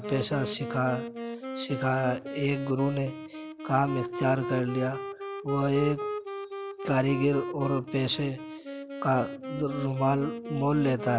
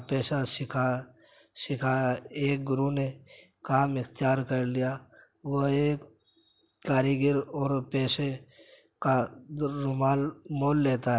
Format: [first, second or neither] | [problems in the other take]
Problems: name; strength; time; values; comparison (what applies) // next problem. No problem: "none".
second | background sound (Wind instrument, woodwind instrument); 7 dB below the speech